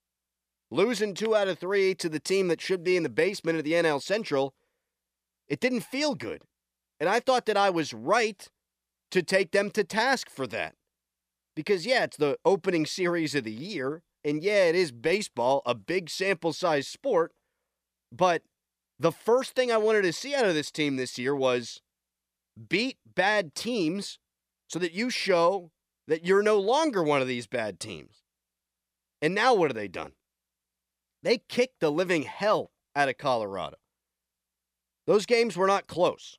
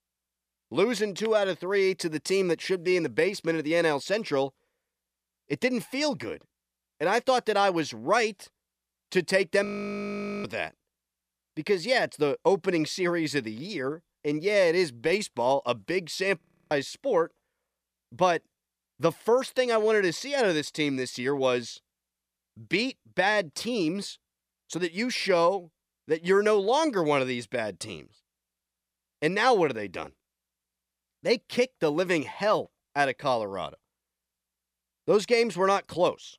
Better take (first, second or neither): first